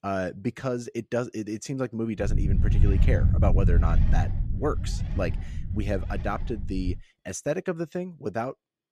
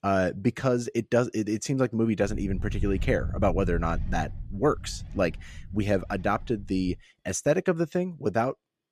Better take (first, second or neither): second